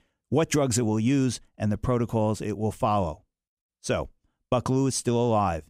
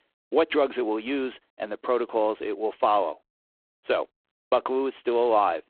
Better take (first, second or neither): first